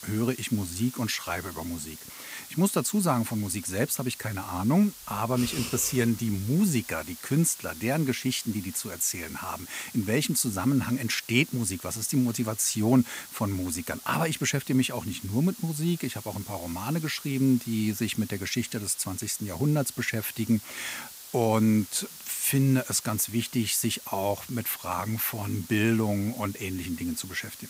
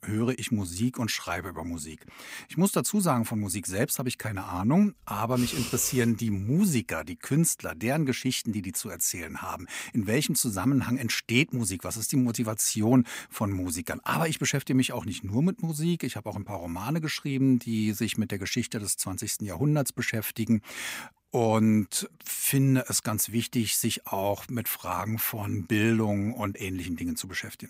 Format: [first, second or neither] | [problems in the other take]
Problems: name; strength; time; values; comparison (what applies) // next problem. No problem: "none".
second | hiss; noticeable; throughout; 15 dB below the speech